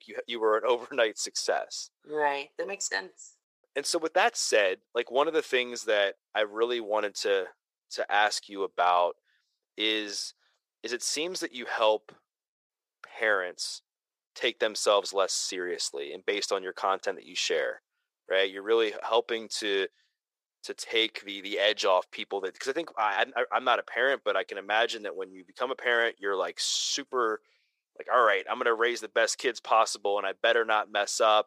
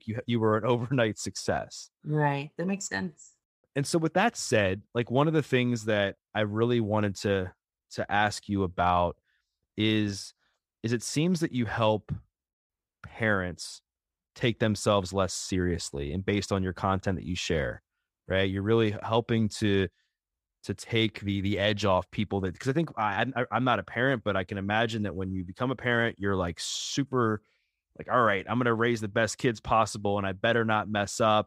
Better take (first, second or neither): second